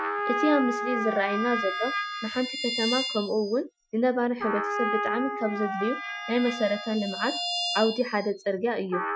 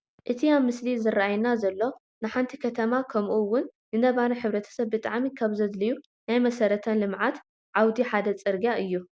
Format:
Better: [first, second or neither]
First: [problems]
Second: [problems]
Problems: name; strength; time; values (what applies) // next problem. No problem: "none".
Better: second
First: noise reduction (classical method Wiener filter)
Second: none